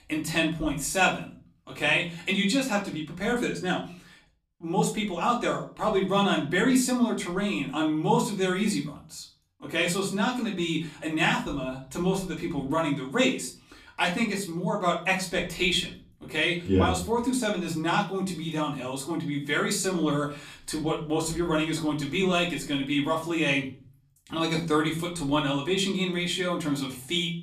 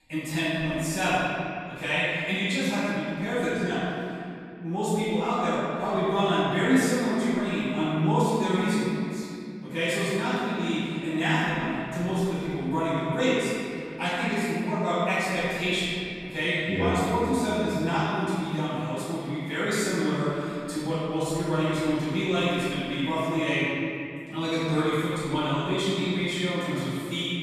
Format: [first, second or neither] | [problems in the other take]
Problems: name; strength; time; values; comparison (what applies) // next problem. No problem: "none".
first | room echo; strong; dies away in 2.5 s; slight in the first // off-mic speech; far; far in the first